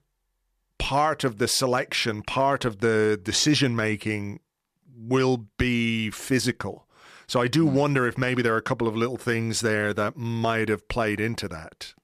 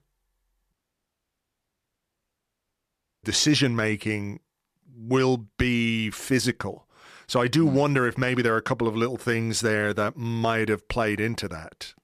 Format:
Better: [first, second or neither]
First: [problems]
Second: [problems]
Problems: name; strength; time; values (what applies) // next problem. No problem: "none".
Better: first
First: none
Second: audio cutting out; at 0.5 s for 2.5 s